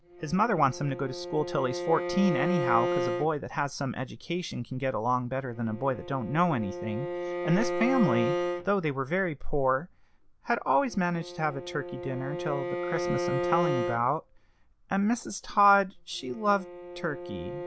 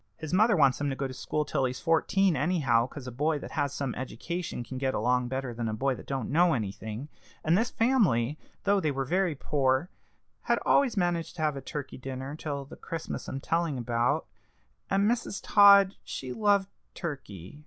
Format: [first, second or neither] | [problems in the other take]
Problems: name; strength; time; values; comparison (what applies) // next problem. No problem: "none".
second | background sound (Bowed string instrument); 6 dB below the speech